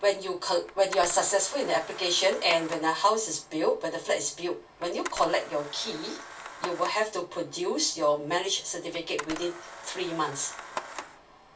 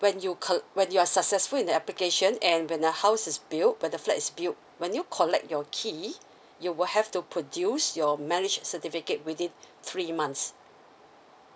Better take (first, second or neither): second